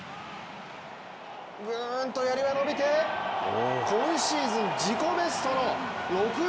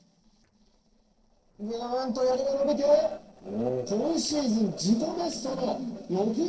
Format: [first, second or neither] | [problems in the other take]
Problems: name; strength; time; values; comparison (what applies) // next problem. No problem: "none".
first | noise reduction (neural separator model SepFormer DNS4)